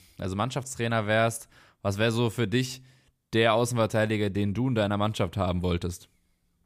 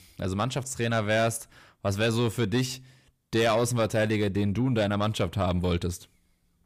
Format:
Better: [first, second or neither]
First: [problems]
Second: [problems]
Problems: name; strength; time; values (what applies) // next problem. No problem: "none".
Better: first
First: none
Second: distortion; slight; 10 dB below the speech